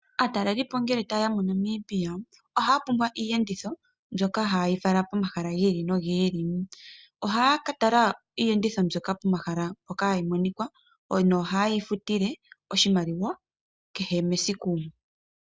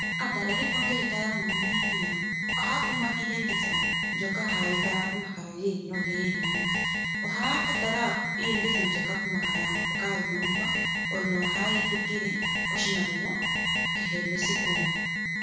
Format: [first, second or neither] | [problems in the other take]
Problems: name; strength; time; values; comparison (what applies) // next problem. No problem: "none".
first | background sound (Alarm); 5 dB above the speech // room echo; dies away in 1 s